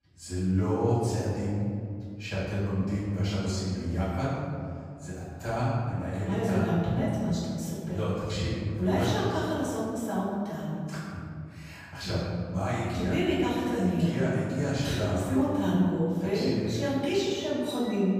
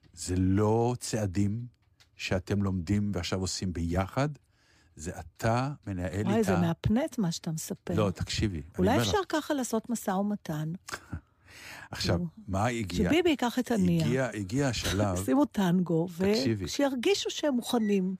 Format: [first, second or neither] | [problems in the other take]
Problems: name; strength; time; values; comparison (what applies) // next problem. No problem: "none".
second | room echo; strong; dies away in 2.3 s // off-mic speech; far